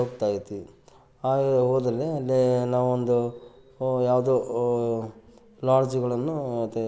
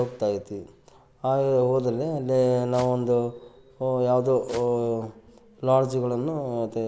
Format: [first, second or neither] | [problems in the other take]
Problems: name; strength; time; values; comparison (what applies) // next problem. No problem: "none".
first | background sound (Walk, footsteps); 20 dB below the speech